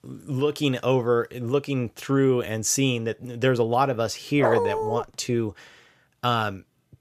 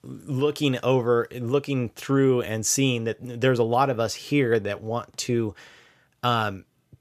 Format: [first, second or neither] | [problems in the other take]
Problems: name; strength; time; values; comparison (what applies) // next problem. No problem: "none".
second | dog barking; loud; at 4.5 s; peak 1 dB above the speech